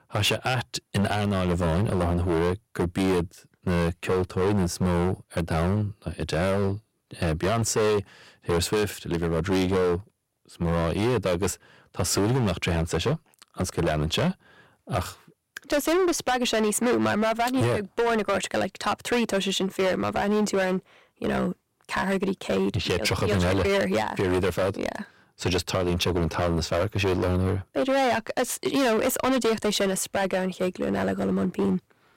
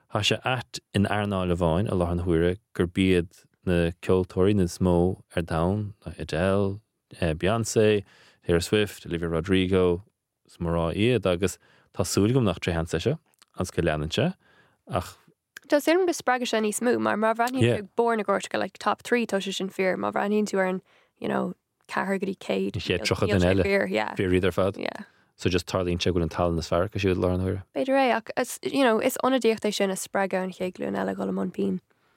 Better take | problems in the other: second | distortion; heavy; 16% of the sound clipped

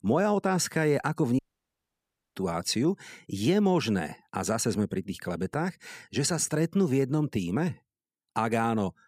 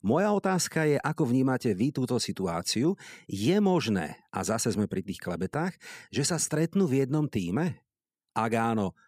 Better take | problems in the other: second | audio cutting out; at 1.5 s for 1 s

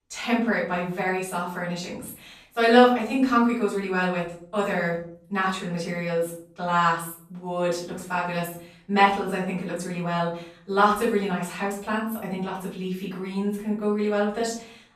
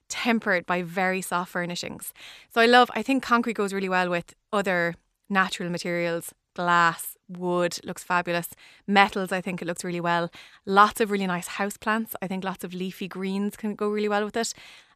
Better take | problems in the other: second | off-mic speech; far // room echo; noticeable; dies away in 0.5 s

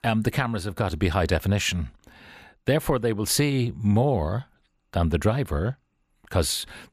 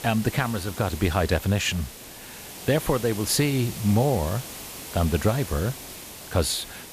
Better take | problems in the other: first | hiss; noticeable; throughout; 10 dB below the speech

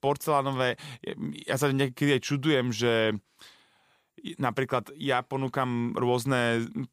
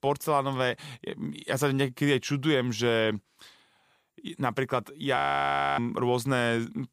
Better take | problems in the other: first | audio freezing; at 5 s for 0.5 s

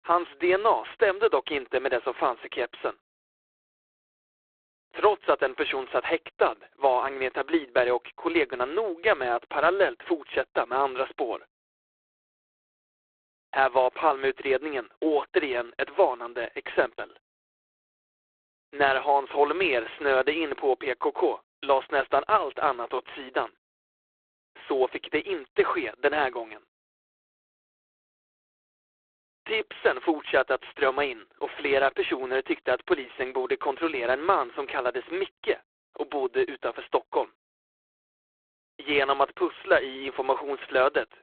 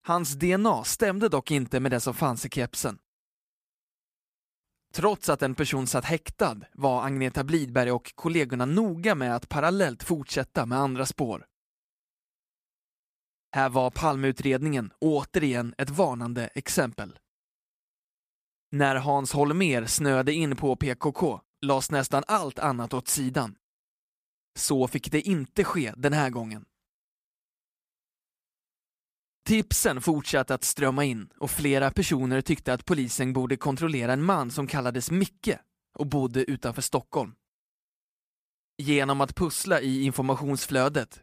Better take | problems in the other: second | phone-call audio; poor line; nothing above 4 kHz

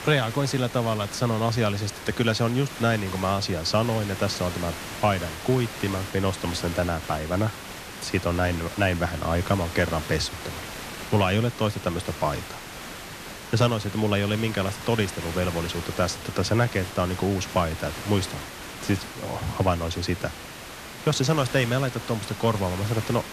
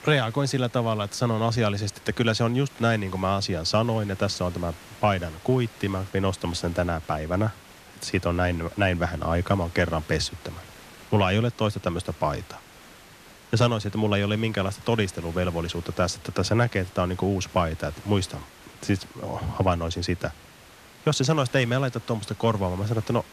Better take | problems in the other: second | hiss; loud; throughout; 10 dB below the speech; faint in the second

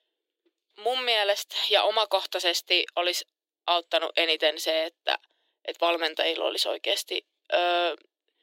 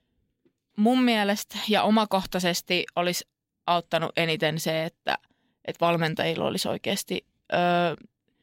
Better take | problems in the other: second | thin; very; fading below 300 Hz

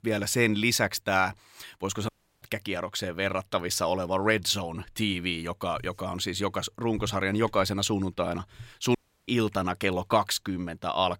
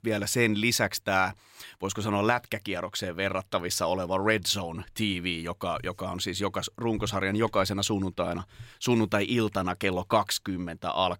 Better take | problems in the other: second | audio cutting out; at 2 s and at 9 s

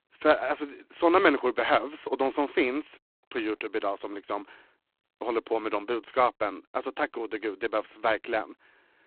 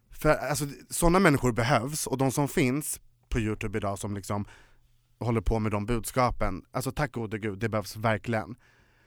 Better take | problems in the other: second | phone-call audio; poor line; nothing above 4 kHz

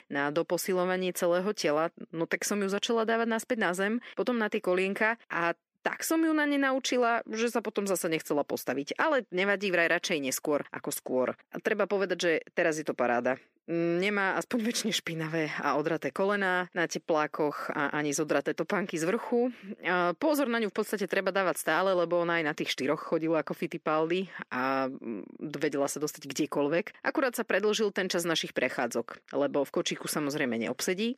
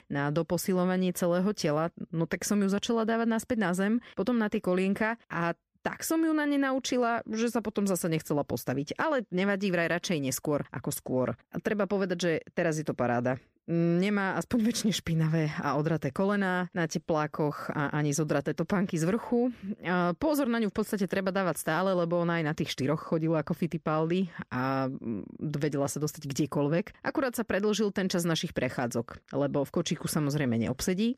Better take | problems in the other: second | thin; very slightly; fading below 350 Hz

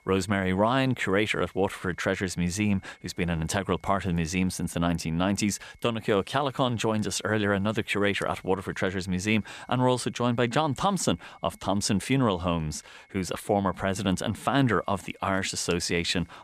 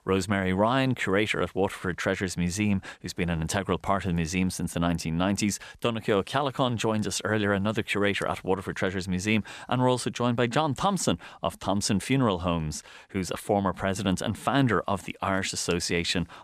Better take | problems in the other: second | high-pitched whine; faint; throughout; 2 kHz, 35 dB below the speech

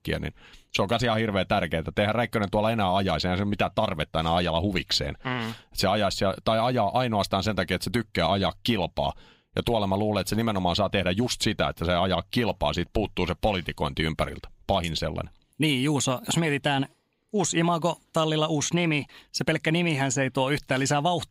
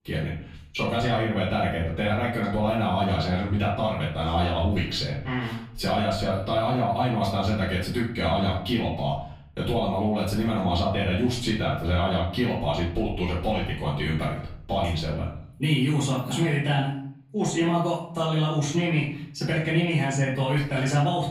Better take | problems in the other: first | off-mic speech; far // room echo; noticeable; dies away in 0.7 s

